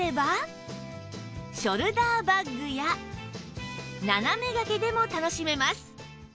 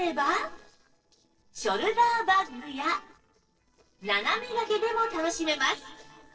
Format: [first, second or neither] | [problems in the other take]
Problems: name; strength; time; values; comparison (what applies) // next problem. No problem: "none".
first | noise reduction (neural separator model SepFormer DNS4)